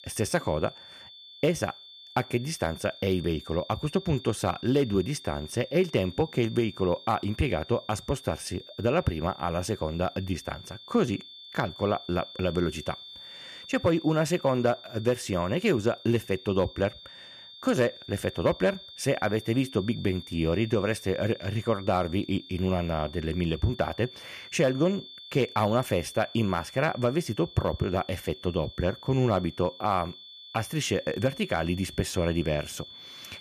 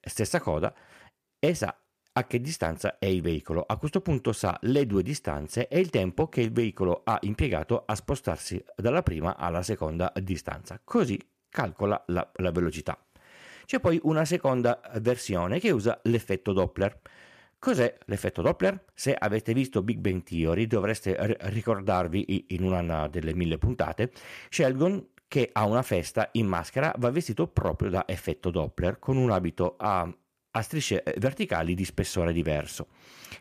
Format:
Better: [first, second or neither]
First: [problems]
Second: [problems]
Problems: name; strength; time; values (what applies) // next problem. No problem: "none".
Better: second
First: high-pitched whine; noticeable; throughout; 3.5 kHz, 15 dB below the speech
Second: none